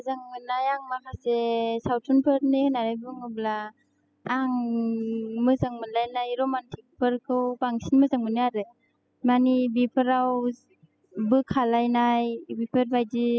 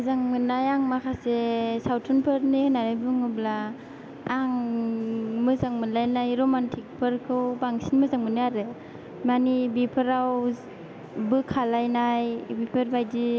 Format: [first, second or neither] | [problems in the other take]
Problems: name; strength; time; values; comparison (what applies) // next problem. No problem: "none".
second | noise reduction (classical method spectral subtraction)